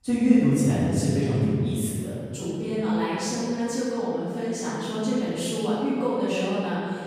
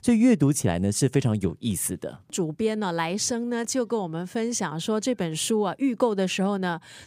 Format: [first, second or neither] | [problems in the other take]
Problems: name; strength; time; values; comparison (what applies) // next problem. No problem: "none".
second | off-mic speech; far // room echo; strong; dies away in 2 s